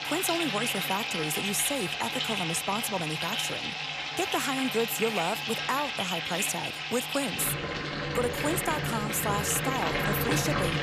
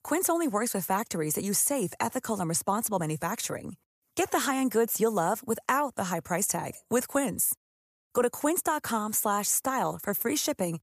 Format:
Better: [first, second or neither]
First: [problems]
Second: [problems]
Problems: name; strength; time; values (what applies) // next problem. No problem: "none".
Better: second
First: household noises; very loud; throughout; 1 dB above the speech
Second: none